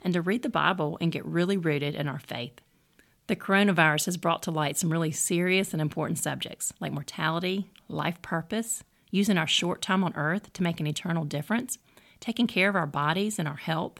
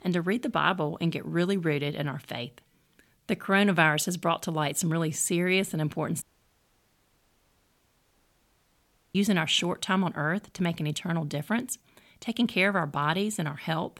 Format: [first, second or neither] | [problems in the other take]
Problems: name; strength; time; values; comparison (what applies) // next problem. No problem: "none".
first | audio cutting out; at 6 s for 3 s